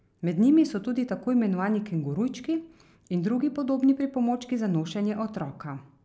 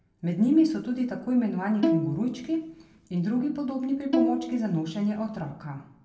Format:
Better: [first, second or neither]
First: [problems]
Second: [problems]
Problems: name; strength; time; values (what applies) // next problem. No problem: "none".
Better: first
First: none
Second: background sound (Bowed string instrument); 2 dB below the speech // room echo; dies away in 0.5 s